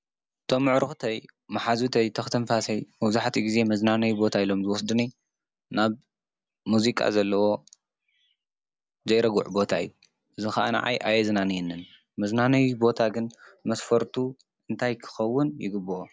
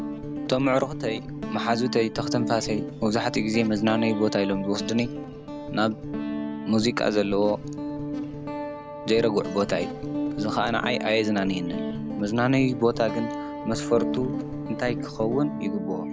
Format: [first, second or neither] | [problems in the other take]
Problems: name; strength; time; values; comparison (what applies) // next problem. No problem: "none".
first | background sound (Guitar); 6 dB below the speech